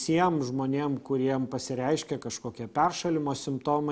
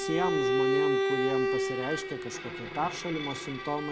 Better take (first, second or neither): first